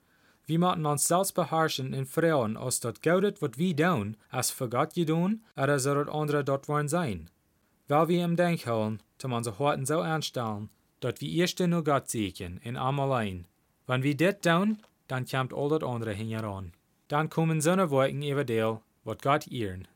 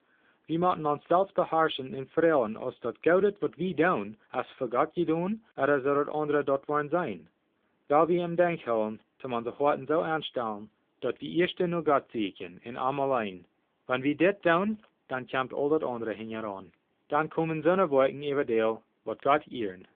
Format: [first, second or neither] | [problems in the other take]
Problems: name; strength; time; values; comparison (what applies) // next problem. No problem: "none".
first | phone-call audio; nothing above 3.5 kHz